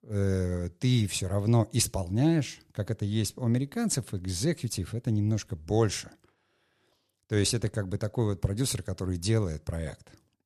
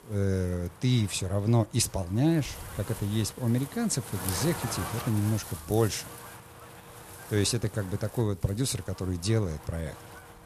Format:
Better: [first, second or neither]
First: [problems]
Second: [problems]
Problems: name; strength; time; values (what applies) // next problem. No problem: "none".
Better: first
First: none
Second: wind noise on the microphone; heavy; 9 dB below the speech